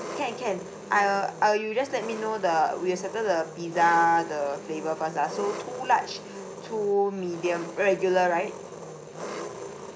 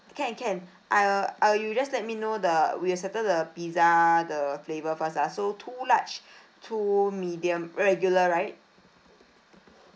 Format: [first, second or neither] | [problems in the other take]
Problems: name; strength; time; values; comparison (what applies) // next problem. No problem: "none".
second | background sound (Engine); 12 dB below the speech